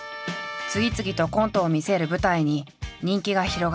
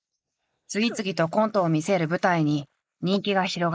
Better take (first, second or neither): first